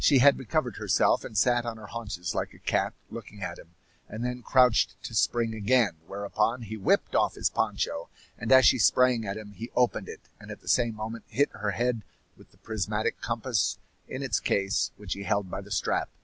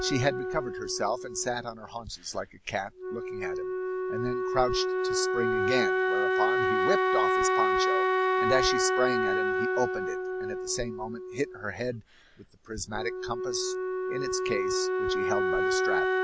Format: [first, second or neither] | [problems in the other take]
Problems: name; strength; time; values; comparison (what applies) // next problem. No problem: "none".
first | background sound (Wind instrument, woodwind instrument); 5 dB above the speech